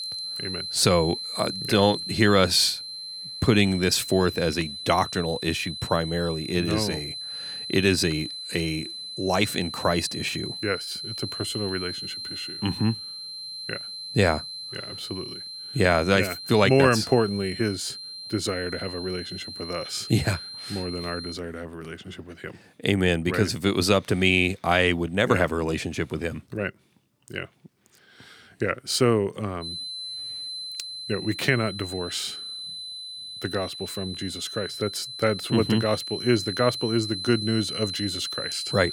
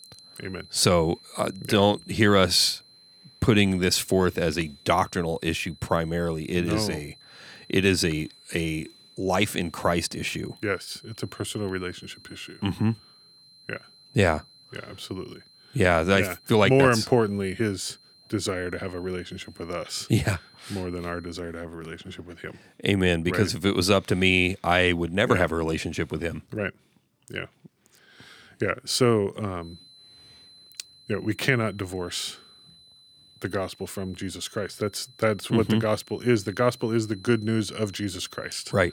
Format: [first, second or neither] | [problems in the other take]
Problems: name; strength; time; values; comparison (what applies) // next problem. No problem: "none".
second | high-pitched whine; loud; until 21 s and from 30 s on; 4 kHz, 8 dB below the speech; faint in the second